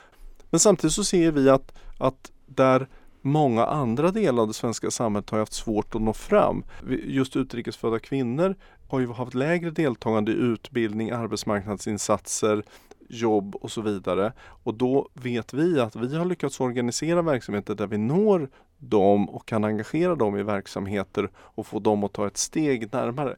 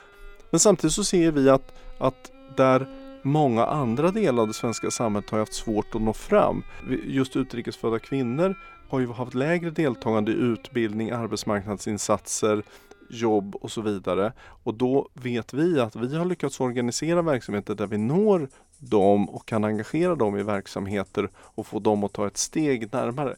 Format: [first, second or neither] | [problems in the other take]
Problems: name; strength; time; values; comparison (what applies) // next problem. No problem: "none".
first | background music; faint; throughout; 25 dB below the speech